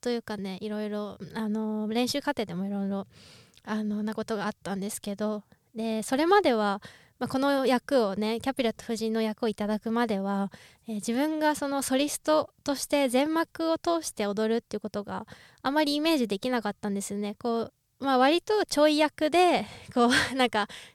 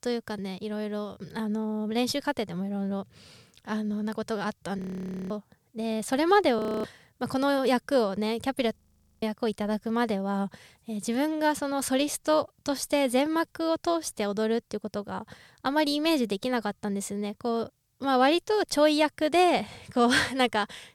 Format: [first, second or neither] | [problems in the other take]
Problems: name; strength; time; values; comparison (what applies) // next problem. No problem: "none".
first | audio freezing; at 5 s for 0.5 s, at 6.5 s and at 9 s